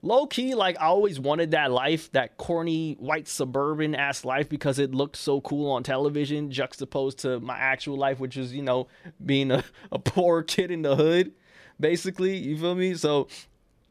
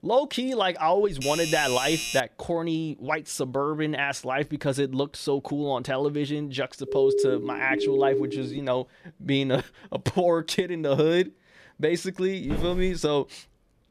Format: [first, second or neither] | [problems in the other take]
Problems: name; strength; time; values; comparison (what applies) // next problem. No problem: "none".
first | doorbell; noticeable; from 1 to 2 s; peak 2 dB below the speech // siren; loud; from 7 to 8.5 s; peak 3 dB above the speech // footsteps; noticeable; at 12 s; peak 7 dB below the speech